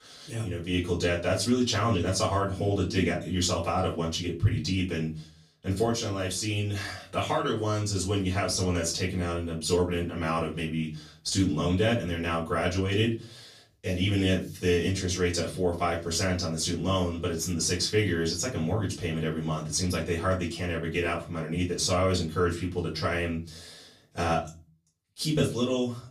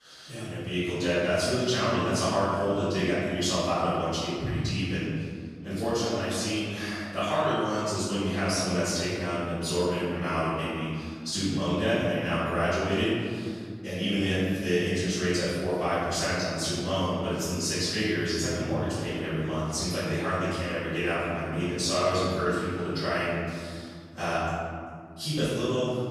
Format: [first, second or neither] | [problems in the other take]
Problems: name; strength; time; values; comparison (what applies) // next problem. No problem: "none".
first | room echo; strong; dies away in 2.1 s; slight in the first // off-mic speech; far; far in the first